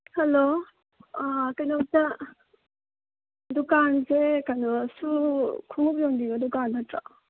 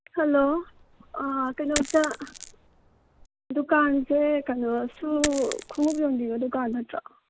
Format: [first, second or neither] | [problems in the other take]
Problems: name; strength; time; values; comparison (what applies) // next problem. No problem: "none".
first | background sound (Coin (dropping)); 13 dB below the speech